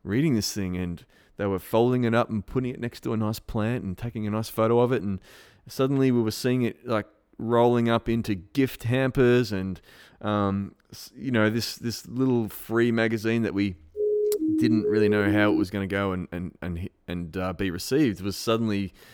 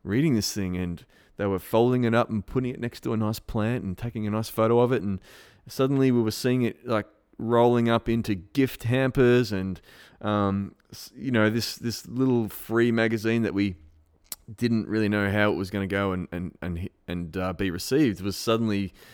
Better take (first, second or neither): second